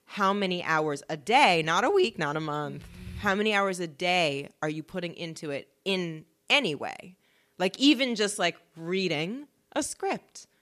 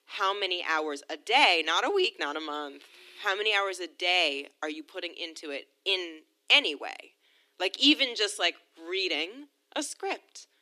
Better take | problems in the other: first | thin; very slightly; fading below 300 Hz

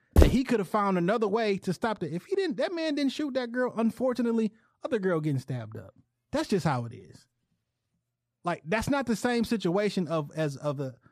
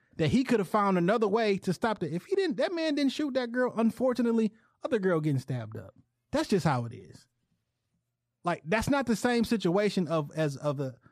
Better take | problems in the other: second | footsteps; loud; at the start; peak 5 dB above the speech

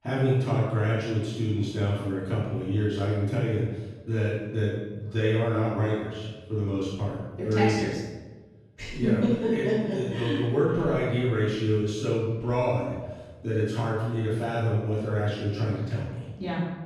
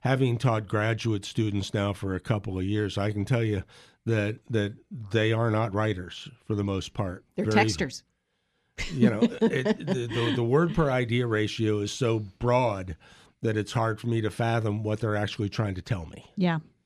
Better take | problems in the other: second | off-mic speech; far // room echo; strong; dies away in 1.1 s

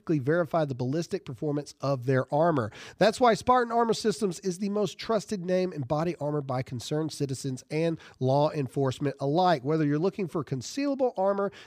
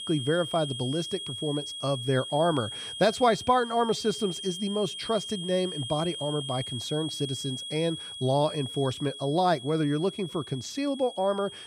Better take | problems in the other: first | high-pitched whine; loud; throughout; 3 kHz, 8 dB below the speech

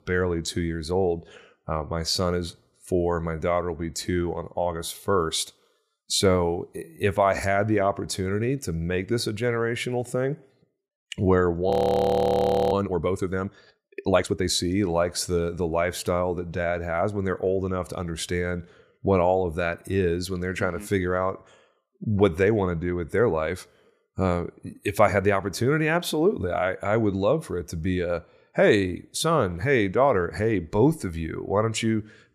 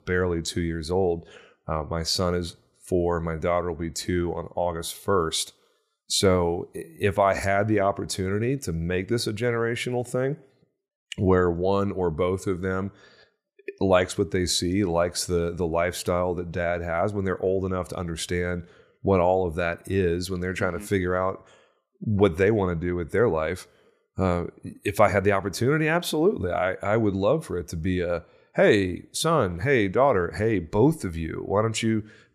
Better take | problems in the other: second | audio freezing; at 12 s for 1 s

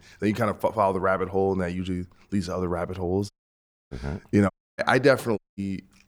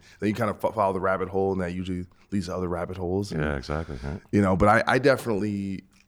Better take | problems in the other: second | audio cutting out; at 3.5 s for 0.5 s, at 4.5 s and at 5.5 s

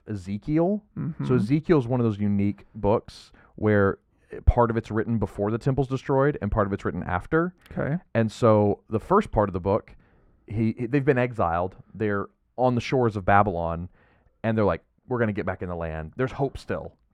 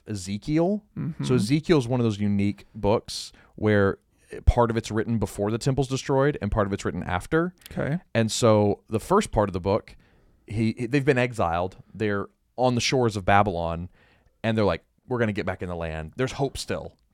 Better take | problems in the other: second | muffled; slightly; fading above 3 kHz

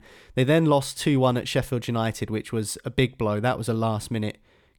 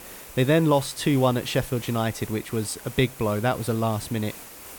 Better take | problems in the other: first | hiss; noticeable; throughout; 15 dB below the speech

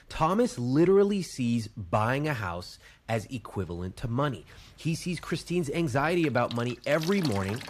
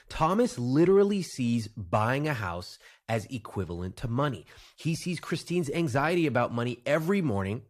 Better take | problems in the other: second | rain or running water; noticeable; throughout; 15 dB below the speech

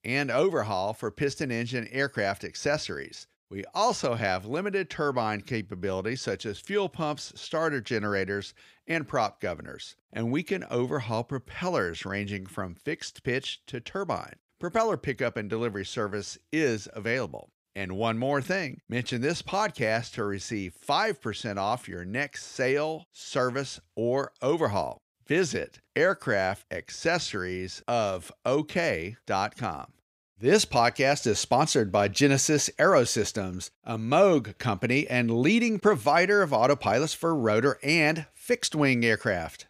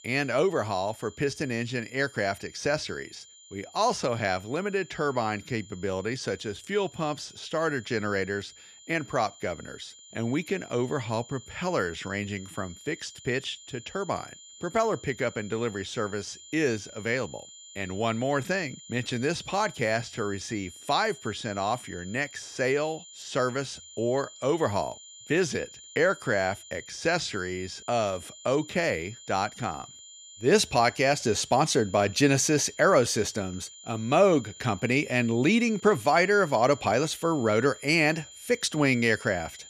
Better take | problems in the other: first | high-pitched whine; noticeable; throughout; 7 kHz, 20 dB below the speech

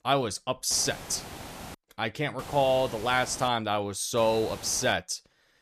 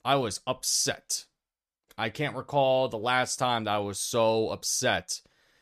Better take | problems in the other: second | hiss; noticeable; from 0.5 to 1.5 s, from 2.5 to 3.5 s and at 4 s; 15 dB below the speech

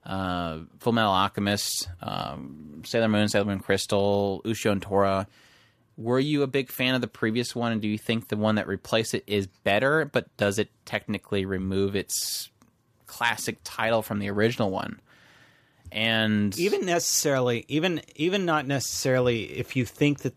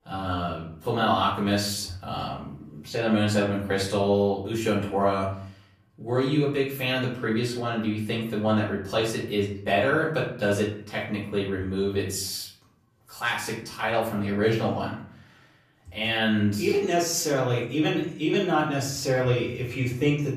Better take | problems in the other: first | off-mic speech; far // room echo; noticeable; dies away in 0.6 s

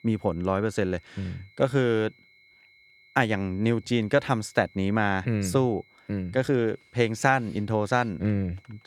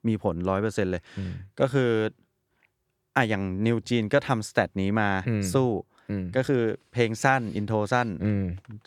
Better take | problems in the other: second | high-pitched whine; faint; throughout; 2 kHz, 30 dB below the speech

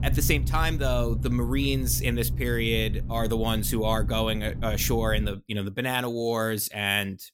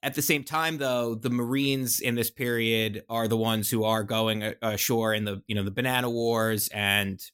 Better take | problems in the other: second | low rumble; noticeable; until 5.5 s; 15 dB below the speech

